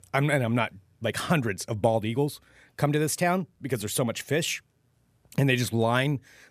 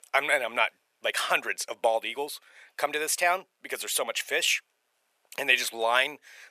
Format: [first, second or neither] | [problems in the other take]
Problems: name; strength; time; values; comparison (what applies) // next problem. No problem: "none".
first | thin; very; fading below 600 Hz